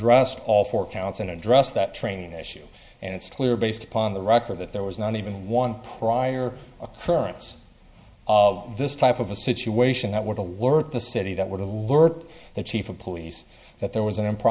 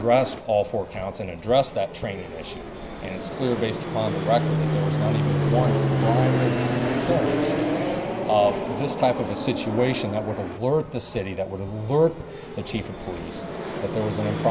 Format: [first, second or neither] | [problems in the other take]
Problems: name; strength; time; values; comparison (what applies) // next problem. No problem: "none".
first | background sound (Fixed-wing aircraft, airplane); 1 dB below the speech